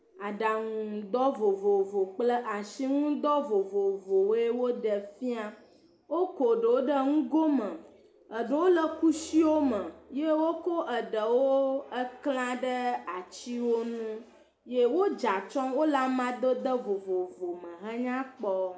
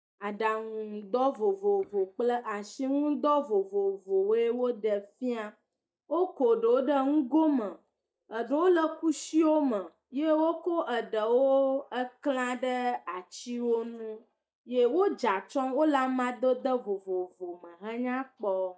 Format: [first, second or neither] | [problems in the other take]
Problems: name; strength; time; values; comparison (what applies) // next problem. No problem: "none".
first | noise reduction (neural mask model DeepFilterNet 3)